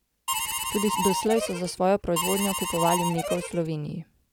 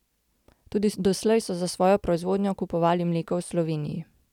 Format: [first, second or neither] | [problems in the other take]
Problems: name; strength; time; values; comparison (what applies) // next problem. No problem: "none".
second | background sound (Harmonica); 3 dB below the speech